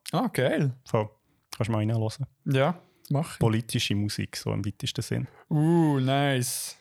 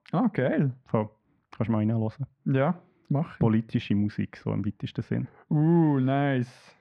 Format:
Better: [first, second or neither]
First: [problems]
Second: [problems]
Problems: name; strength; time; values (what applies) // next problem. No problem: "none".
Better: first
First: none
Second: muffled; very; fading above 1.5 kHz